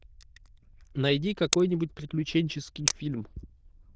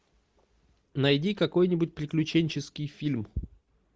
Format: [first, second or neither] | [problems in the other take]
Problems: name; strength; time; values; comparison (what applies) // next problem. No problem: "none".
second | noise reduction (neural diffusion model UNIVERSE++)